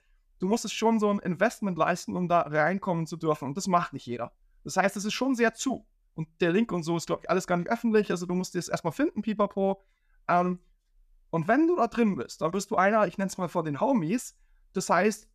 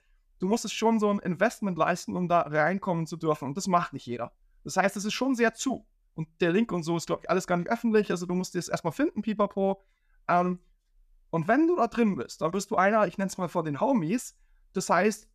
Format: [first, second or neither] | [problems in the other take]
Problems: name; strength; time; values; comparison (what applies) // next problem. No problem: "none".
neither | none